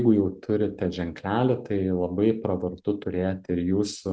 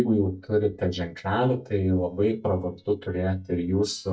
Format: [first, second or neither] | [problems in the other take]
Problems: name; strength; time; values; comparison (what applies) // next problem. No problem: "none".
first | noise reduction (neural mask model DeepFilterNet 3)